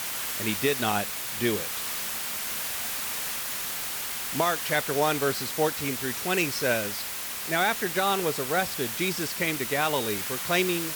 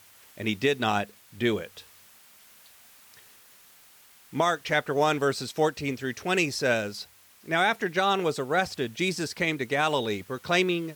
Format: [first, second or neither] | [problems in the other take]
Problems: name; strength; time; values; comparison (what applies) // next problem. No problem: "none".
second | hiss; loud; throughout; 2 dB below the speech; faint in the second